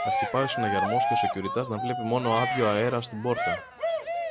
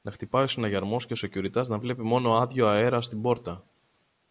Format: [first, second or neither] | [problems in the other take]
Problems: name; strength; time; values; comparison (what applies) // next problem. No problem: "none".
second | background sound (Cheering); as loud as the speech